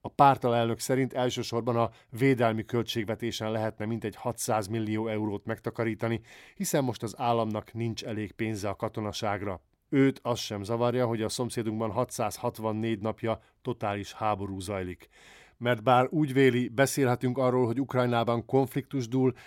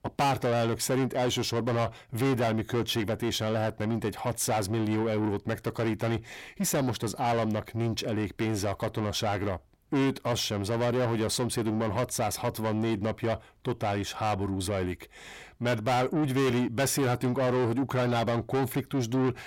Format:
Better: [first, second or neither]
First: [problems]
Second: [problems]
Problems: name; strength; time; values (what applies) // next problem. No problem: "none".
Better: first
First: none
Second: distortion; heavy; 6 dB below the speech